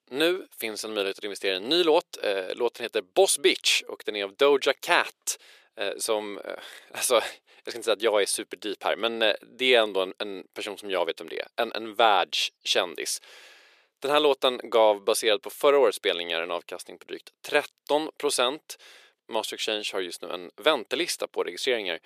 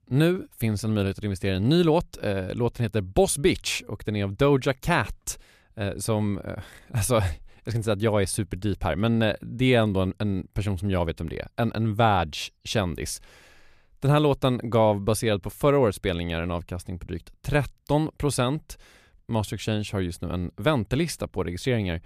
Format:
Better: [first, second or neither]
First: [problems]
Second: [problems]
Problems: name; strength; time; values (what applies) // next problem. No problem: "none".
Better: second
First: thin; very; fading below 400 Hz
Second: none